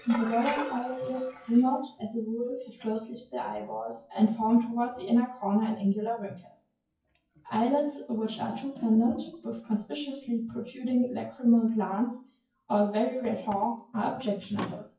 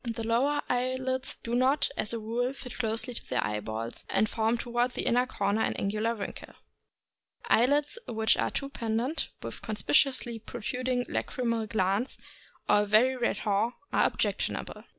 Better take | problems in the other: second | noise reduction (classical method WPE with log-MMSE)

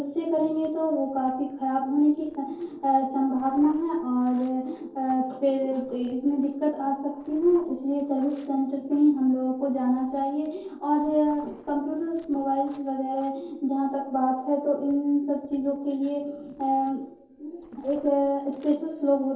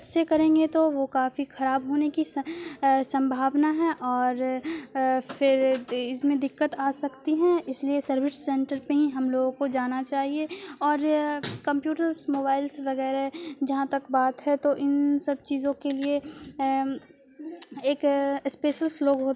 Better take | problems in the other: second | noise reduction (neural separator model SepFormer DNS4)

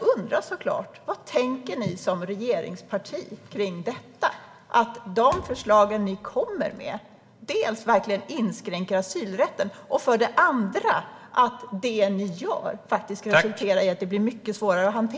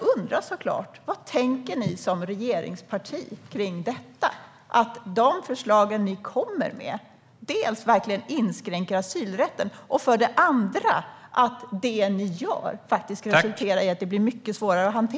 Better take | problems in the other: second | background sound (Thump, thud); 18 dB below the speech // room echo; dies away in 1.2 s

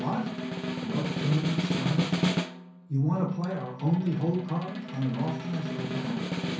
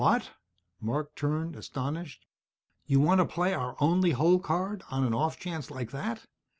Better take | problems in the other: second | background sound (Snare drum); 2 dB below the speech // room echo; dies away in 0.6 s

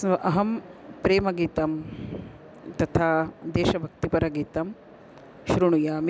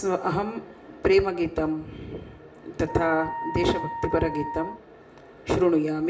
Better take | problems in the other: first | background sound (Wind instrument, woodwind instrument); 10 dB below the speech // room echo; dies away in 0.5 s

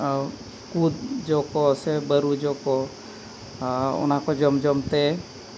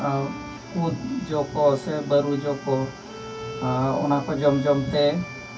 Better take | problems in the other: first | background sound (Bowed string instrument); 15 dB below the speech // room echo; dies away in 0.1 s

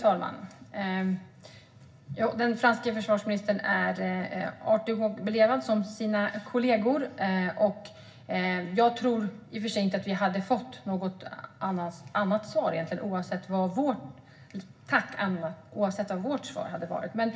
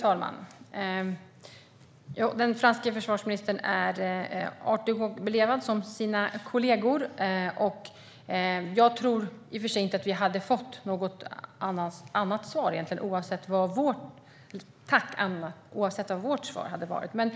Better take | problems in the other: second | room echo; dies away in 0.4 s

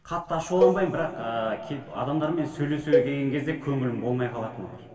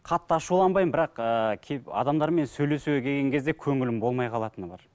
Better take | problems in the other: second | background sound (Cowbell); 2 dB below the speech // room echo; dies away in 2.2 s

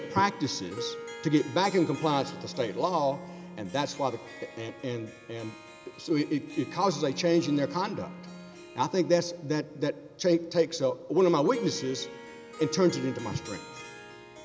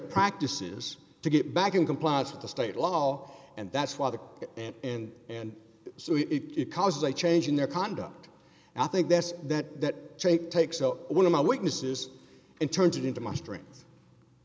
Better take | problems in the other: second | background sound (Wind instrument, woodwind instrument + Harp); 14 dB below the speech

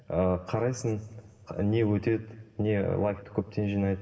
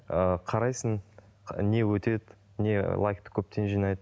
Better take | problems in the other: second | room echo; dies away in 2.8 s

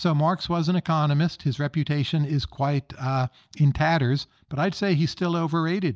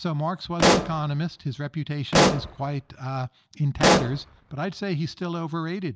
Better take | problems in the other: first | background sound (Explosion); 4 dB above the speech

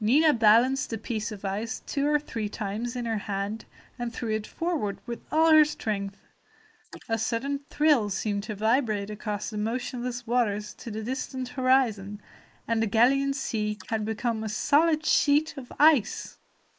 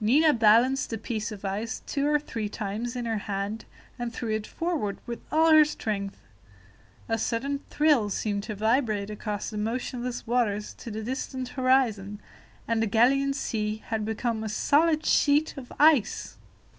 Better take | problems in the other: second | noise reduction (neural mask model Resemble Enhance denoiser)

